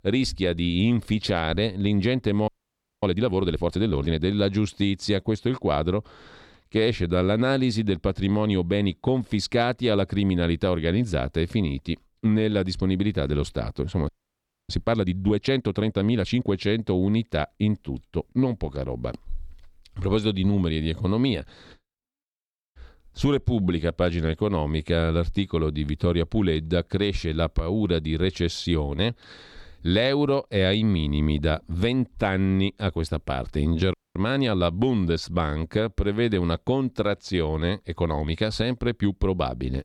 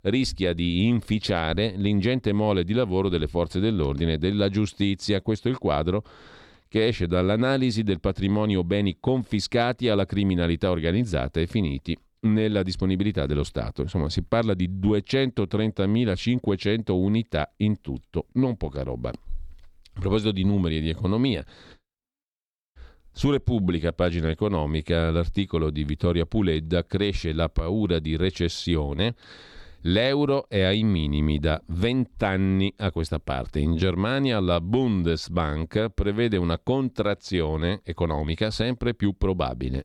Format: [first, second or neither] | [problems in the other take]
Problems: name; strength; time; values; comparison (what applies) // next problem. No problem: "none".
second | audio freezing; at 2.5 s for 0.5 s, at 14 s for 0.5 s and at 34 s